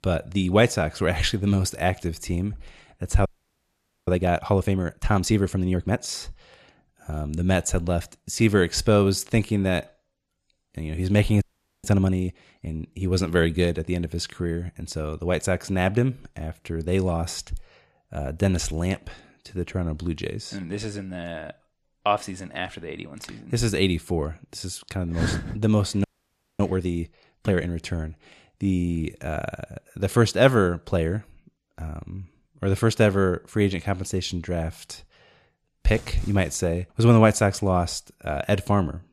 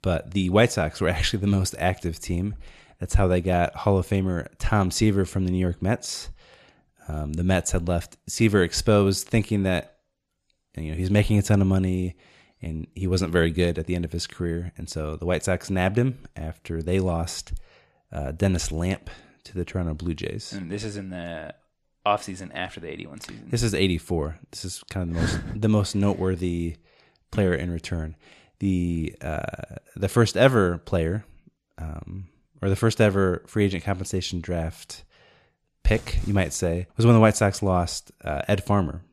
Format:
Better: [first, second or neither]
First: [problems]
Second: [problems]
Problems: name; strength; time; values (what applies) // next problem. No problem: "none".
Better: second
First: audio freezing; at 3.5 s for 1 s, at 11 s and at 26 s for 0.5 s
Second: none